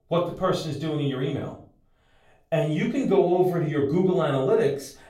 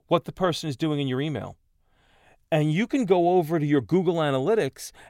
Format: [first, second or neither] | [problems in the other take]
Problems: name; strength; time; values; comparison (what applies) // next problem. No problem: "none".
second | off-mic speech; far // room echo; slight; dies away in 0.4 s